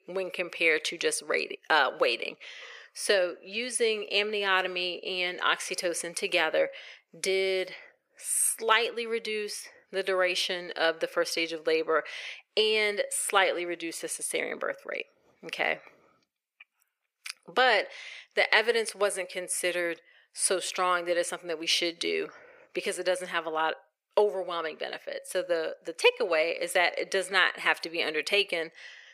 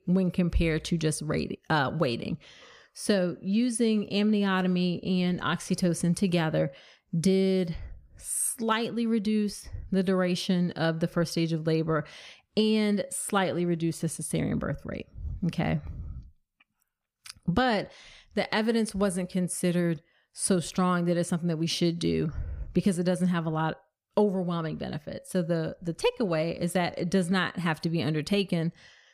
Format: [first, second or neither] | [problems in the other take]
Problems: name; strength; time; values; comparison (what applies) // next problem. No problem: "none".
second | thin; very; fading below 450 Hz